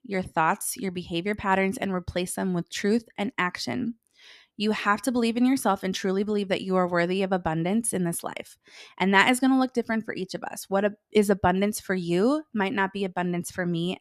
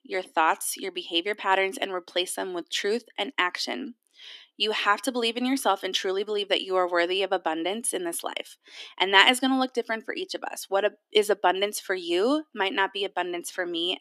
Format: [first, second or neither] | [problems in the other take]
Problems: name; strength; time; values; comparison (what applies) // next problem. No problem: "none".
first | thin; somewhat; fading below 300 Hz